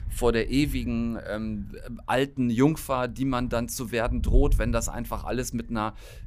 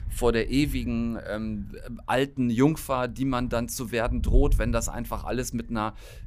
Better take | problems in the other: neither | wind noise on the microphone; occasional gusts; 25 dB below the speech; the same in both

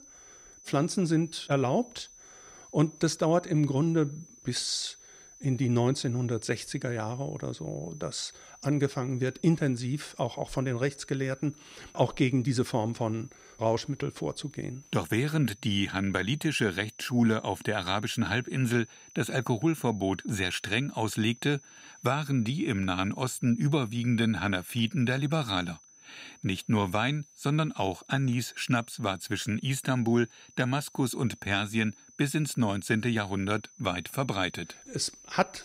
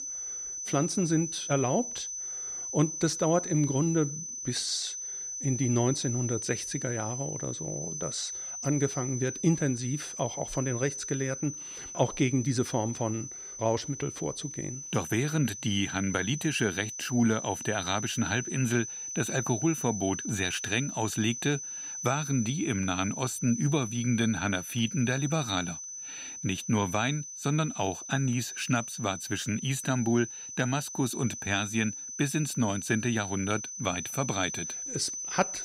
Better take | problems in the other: first | high-pitched whine; loud; throughout; 6 kHz, 6 dB below the speech; faint in the first

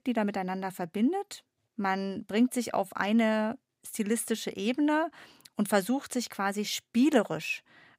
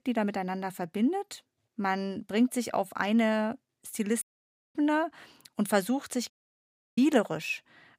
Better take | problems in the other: first | audio cutting out; at 4 s for 0.5 s and at 6.5 s for 0.5 s

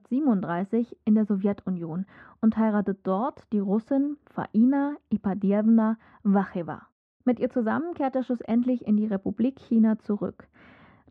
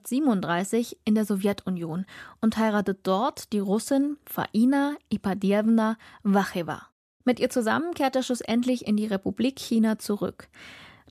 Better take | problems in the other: second | muffled; very; fading above 1.5 kHz

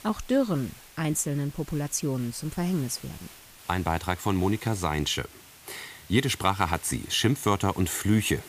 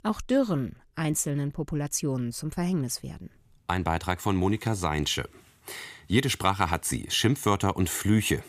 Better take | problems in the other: second | hiss; noticeable; throughout; 20 dB below the speech

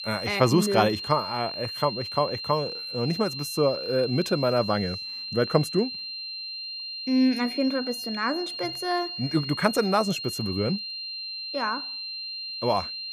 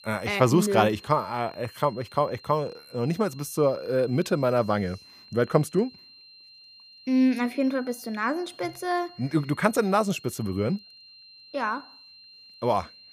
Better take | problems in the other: second | high-pitched whine; loud; throughout; 4 kHz, 6 dB below the speech; faint in the second

